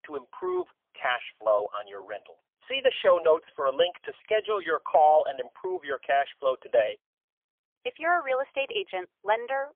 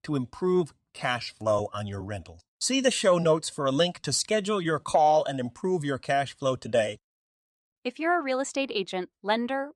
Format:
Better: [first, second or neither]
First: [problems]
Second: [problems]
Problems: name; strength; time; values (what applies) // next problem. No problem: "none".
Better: second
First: phone-call audio; poor line; nothing above 3 kHz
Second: none